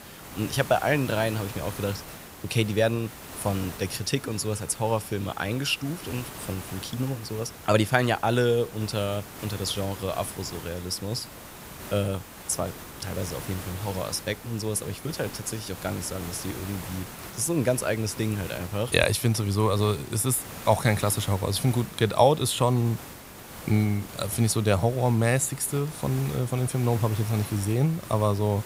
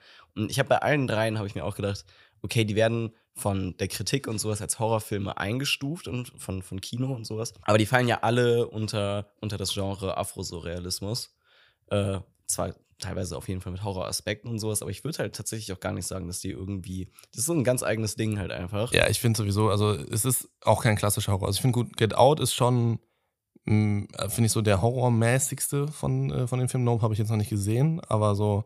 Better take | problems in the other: second | hiss; noticeable; throughout; 15 dB below the speech

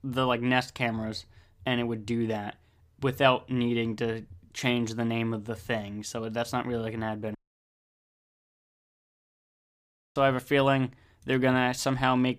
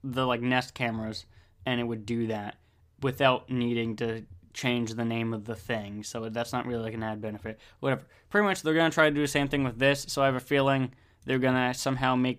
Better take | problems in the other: second | audio cutting out; at 7.5 s for 3 s

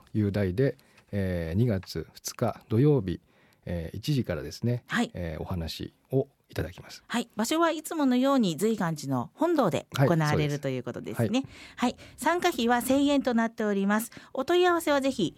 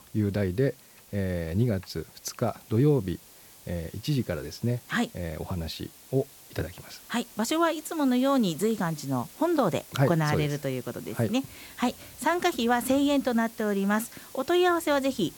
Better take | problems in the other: first | hiss; noticeable; throughout; 20 dB below the speech

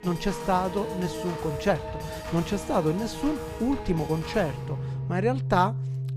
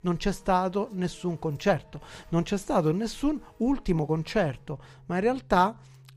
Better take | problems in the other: second | background music; loud; throughout; 6 dB below the speech; faint in the second

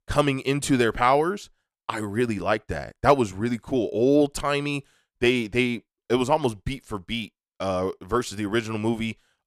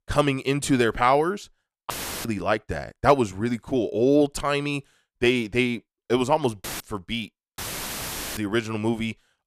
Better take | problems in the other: first | audio cutting out; filled with static; at 2 s, at 6.5 s and at 7.5 s for 1 s

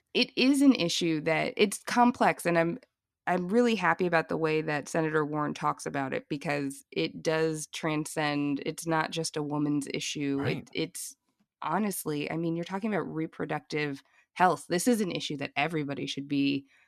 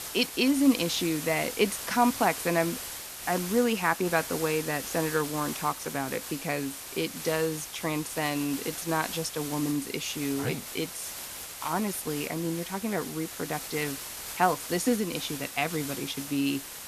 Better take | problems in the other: first | hiss; loud; throughout; 7 dB below the speech

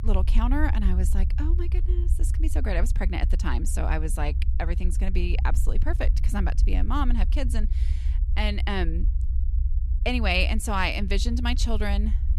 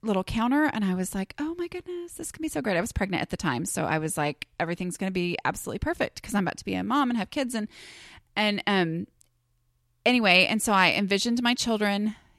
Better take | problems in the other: second | low rumble; noticeable; throughout; 15 dB below the speech

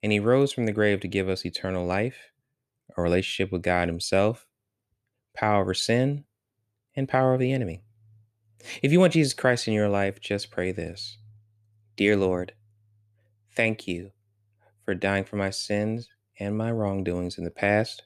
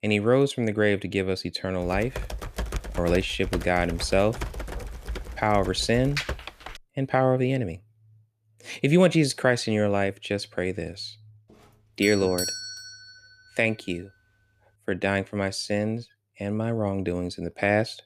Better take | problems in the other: first | keyboard typing; noticeable; from 2 to 7 s; peak 5 dB below the speech // doorbell; noticeable; from 12 to 13 s; peak 3 dB below the speech

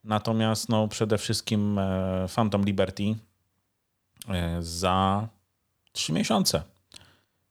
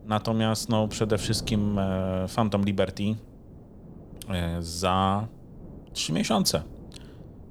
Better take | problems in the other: first | wind noise on the microphone; occasional gusts; 20 dB below the speech

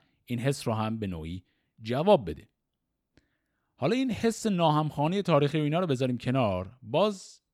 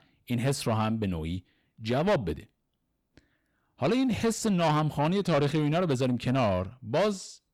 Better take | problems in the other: first | distortion; heavy; 8 dB below the speech

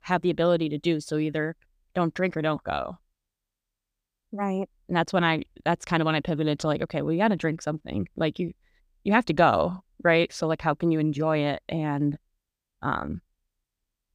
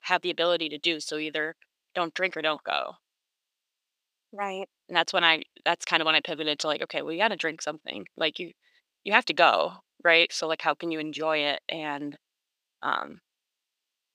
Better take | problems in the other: first | thin; somewhat; fading below 450 Hz

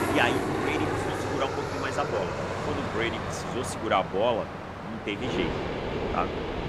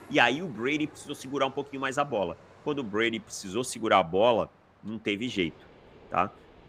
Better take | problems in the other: second | train or aircraft noise; loud; throughout; as loud as the speech; faint in the second

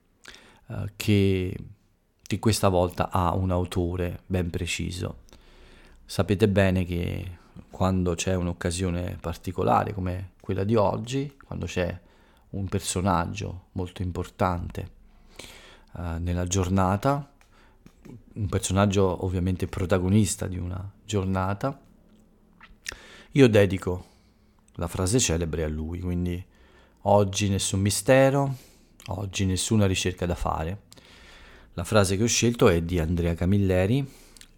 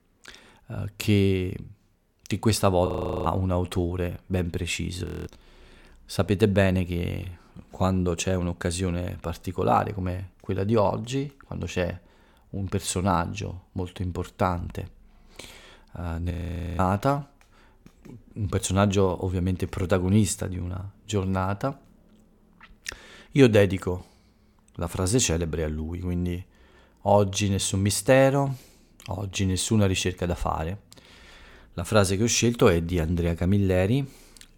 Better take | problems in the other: first | audio freezing; at 3 s, at 5 s and at 16 s

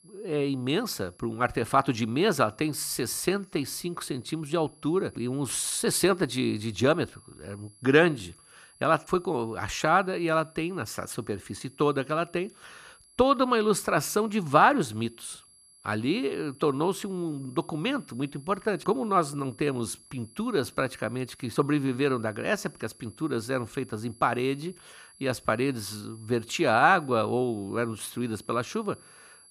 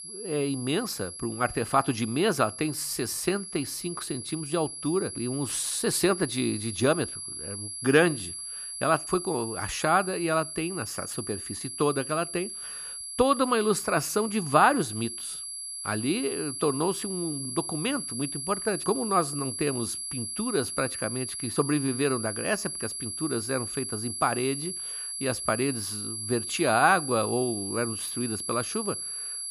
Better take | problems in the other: first | high-pitched whine; loud; throughout; 11 kHz, 6 dB below the speech; faint in the first

